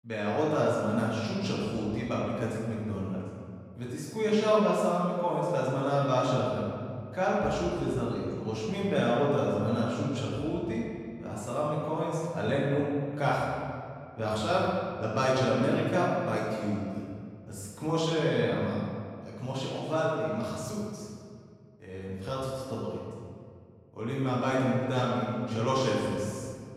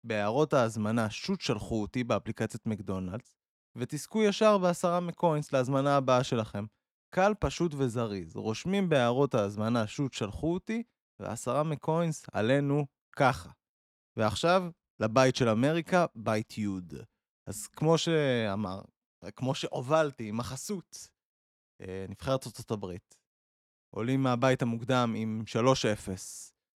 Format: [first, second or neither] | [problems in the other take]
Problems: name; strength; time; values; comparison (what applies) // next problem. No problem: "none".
second | off-mic speech; far // room echo; strong; dies away in 1.9 s